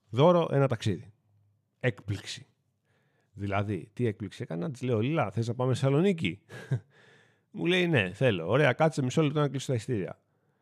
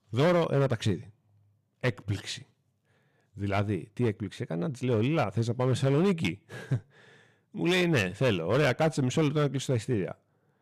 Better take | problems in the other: first | distortion; slight; 8% of the sound clipped

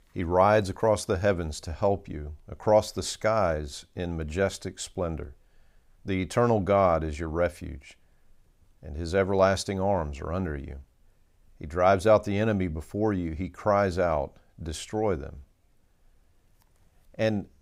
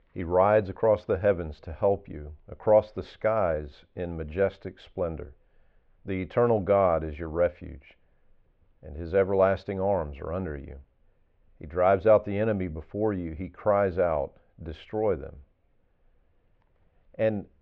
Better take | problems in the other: first | muffled; very; fading above 3 kHz

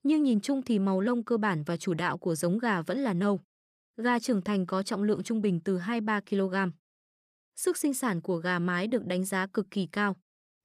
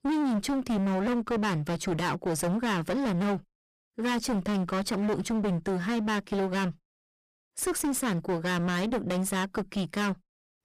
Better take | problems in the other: first | distortion; heavy; 28% of the sound clipped

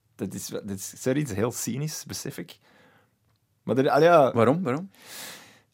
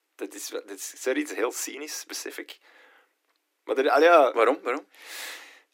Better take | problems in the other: first | thin; somewhat; fading below 300 Hz

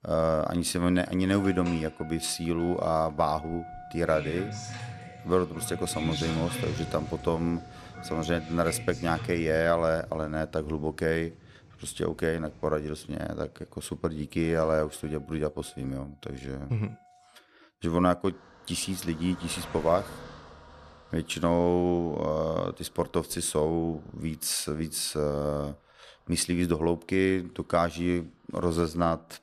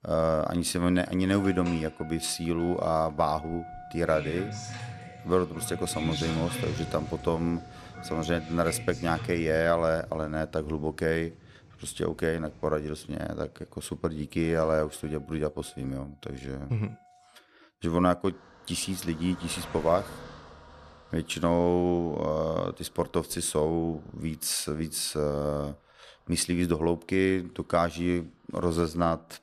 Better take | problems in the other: neither | traffic noise; noticeable; throughout; 10 dB below the speech; the same in both

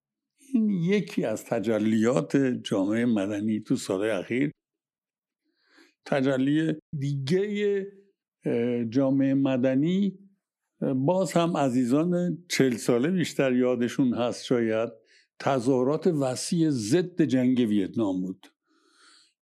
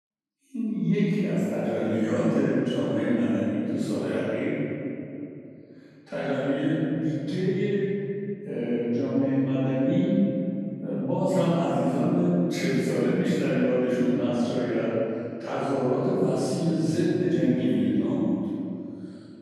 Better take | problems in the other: first | off-mic speech; far // room echo; strong; dies away in 2.8 s

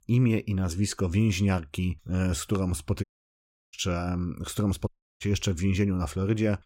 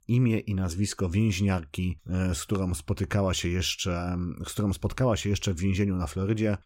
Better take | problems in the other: second | audio cutting out; at 3 s for 0.5 s and at 5 s

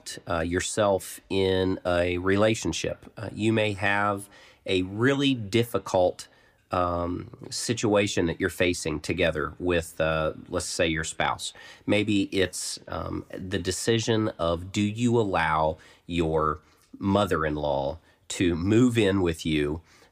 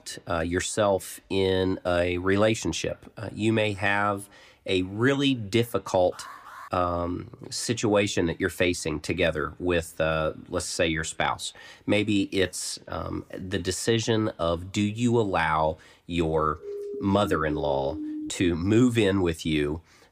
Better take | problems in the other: first | alarm; faint; at 6 s; peak 15 dB below the speech // siren; noticeable; from 17 to 18 s; peak 8 dB below the speech

